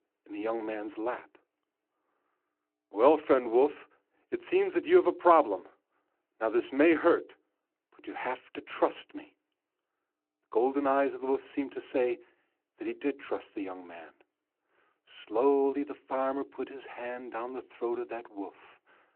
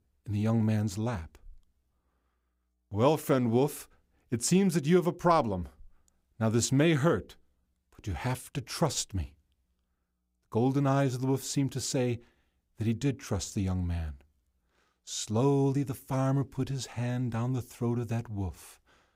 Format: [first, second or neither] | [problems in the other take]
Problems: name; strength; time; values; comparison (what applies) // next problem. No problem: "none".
second | phone-call audio